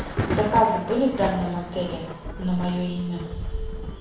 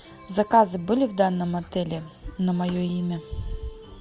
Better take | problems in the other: second | background sound (Thunder); 6 dB below the speech // room echo; dies away in 0.7 s

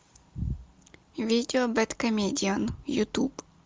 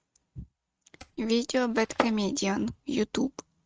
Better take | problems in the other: first | noise reduction (neural mask model RNNoise)

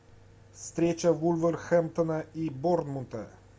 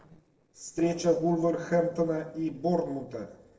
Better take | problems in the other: first | noise reduction (neural separator model SepFormer DNS4)

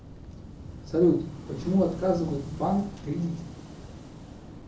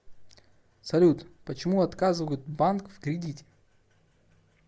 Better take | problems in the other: second | background sound (Waves, surf / Wind); 12 dB below the speech // room echo; dies away in 0.7 s

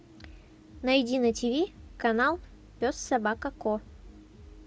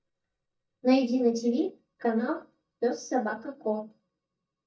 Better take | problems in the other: first | noise reduction (neural mask model DeepFilterNet 3)

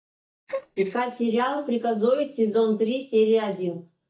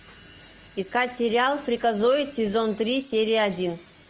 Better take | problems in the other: second | noise reduction (neural mask model DeepFilterNet 3)

